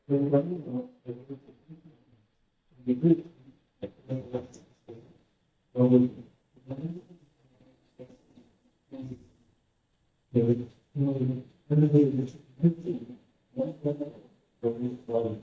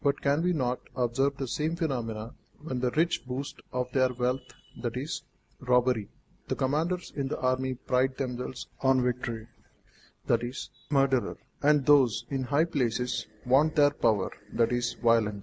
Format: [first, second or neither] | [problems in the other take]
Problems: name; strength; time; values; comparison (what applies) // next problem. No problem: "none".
second | noise reduction (neural mask model DeepFilterNet 3)